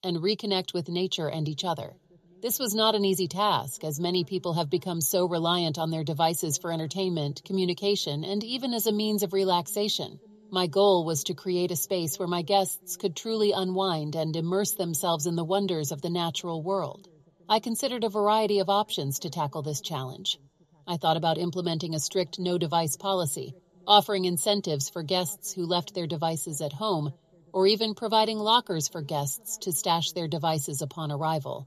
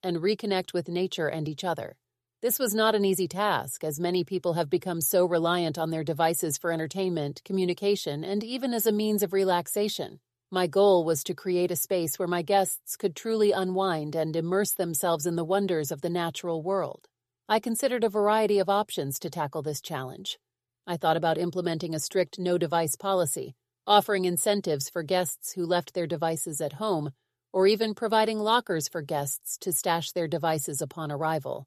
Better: second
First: room echo; very slight; dies away in 3 s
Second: none

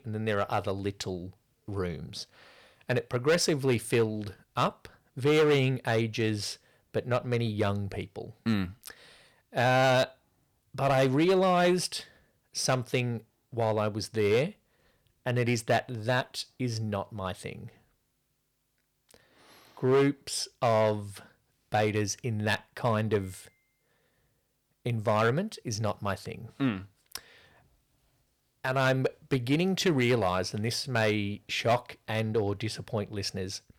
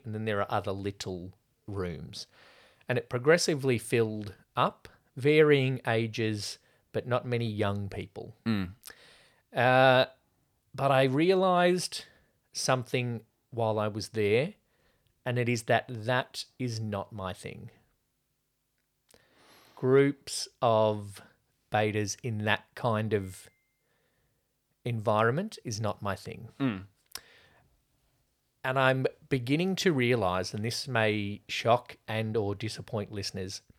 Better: second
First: distortion; slight; 3% of the sound clipped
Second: none

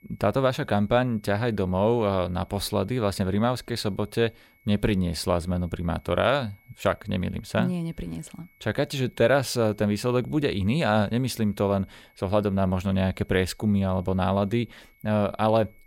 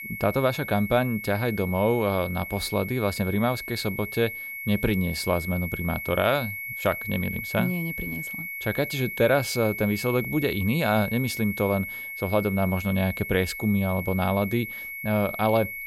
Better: first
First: high-pitched whine; faint; throughout; 2 kHz, 35 dB below the speech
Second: high-pitched whine; loud; throughout; 2 kHz, 7 dB below the speech

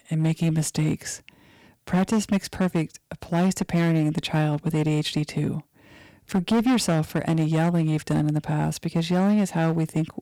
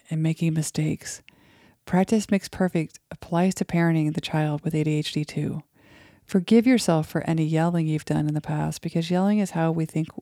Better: second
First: distortion; slight; 9% of the sound clipped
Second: none

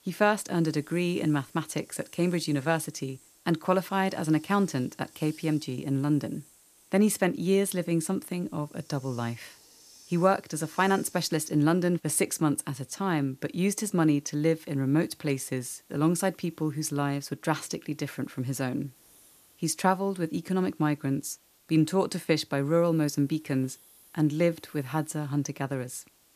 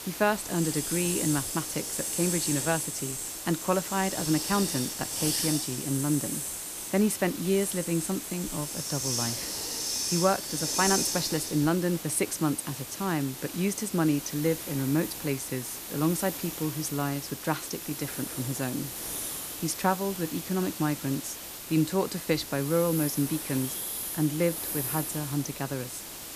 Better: first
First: hiss; faint; throughout; 25 dB below the speech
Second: hiss; loud; throughout; 3 dB below the speech

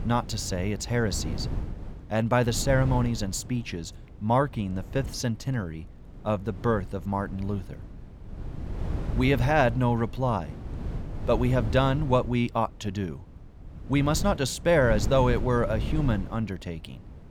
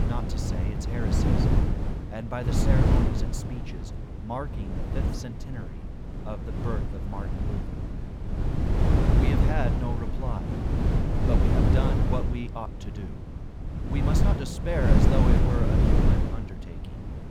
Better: first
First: wind noise on the microphone; occasional gusts; 15 dB below the speech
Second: wind noise on the microphone; heavy; 2 dB above the speech

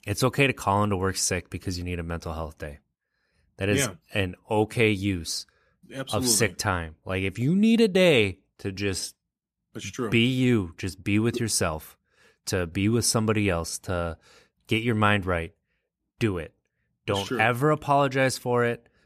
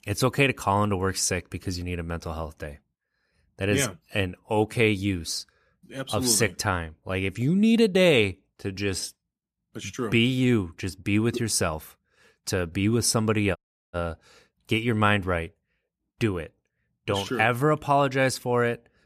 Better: first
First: none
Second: audio cutting out; at 14 s

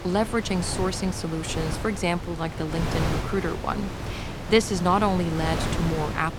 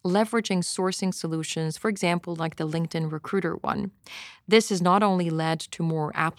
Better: second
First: wind noise on the microphone; heavy; 7 dB below the speech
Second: none

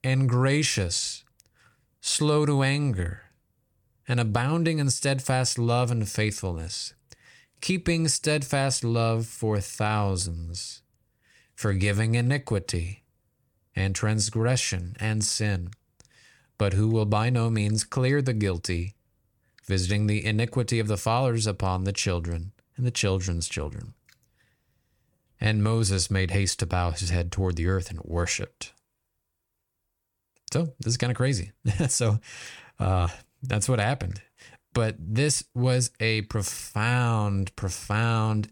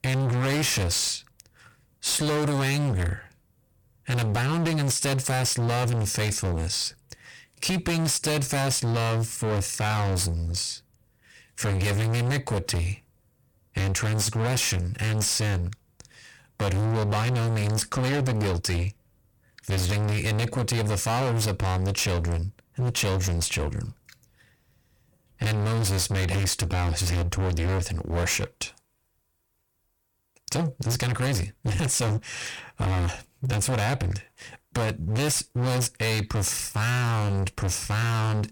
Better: first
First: none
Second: distortion; heavy; 33% of the sound clipped

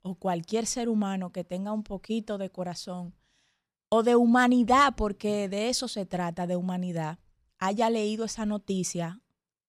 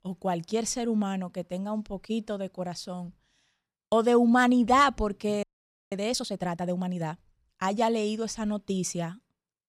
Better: first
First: none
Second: audio freezing; at 5.5 s

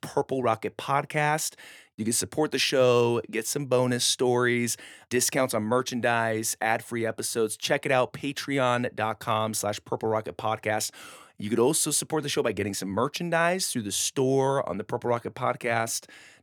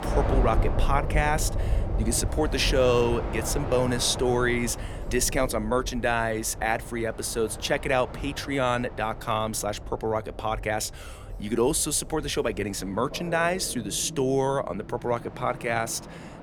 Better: first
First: none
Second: train or aircraft noise; loud; throughout; 8 dB below the speech

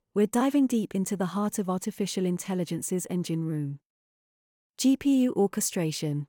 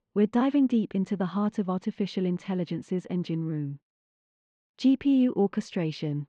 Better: first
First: none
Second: muffled; slightly; fading above 4 kHz

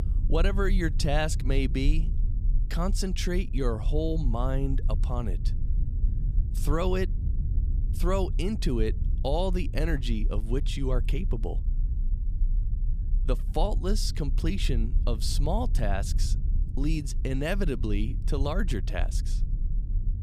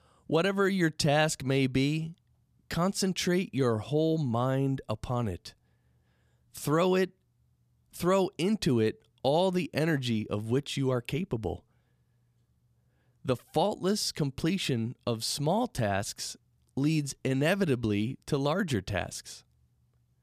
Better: second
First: low rumble; noticeable; throughout; 15 dB below the speech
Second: none

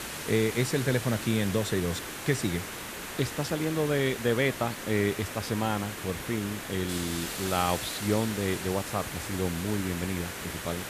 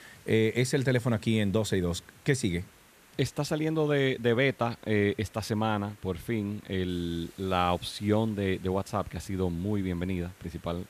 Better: second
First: hiss; loud; throughout; 6 dB below the speech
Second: hiss; faint; throughout; 25 dB below the speech

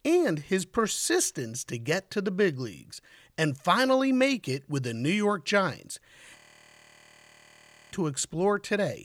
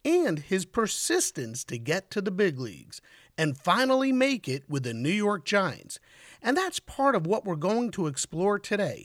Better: second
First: audio freezing; at 6.5 s for 1.5 s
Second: none

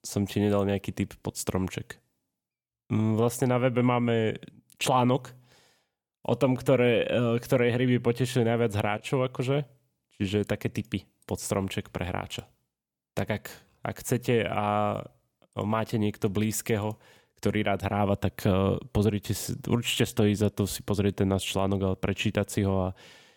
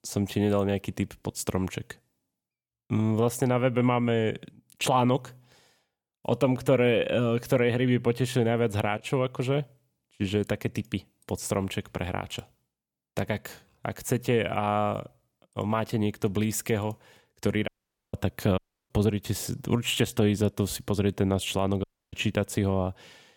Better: first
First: none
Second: audio cutting out; at 18 s, at 19 s and at 22 s

